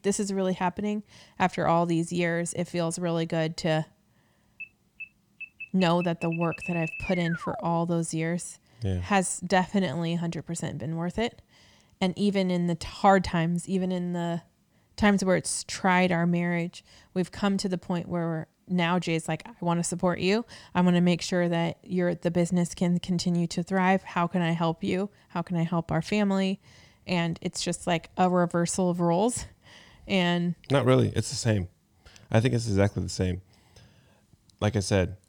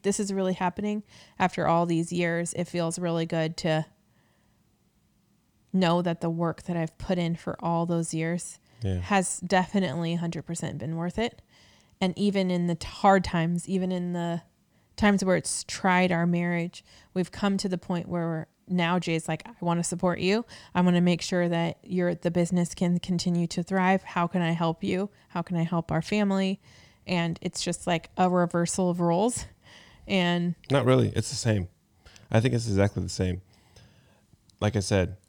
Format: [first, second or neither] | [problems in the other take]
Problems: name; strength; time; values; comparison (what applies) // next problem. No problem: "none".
second | alarm; noticeable; from 4.5 to 8 s; peak 7 dB below the speech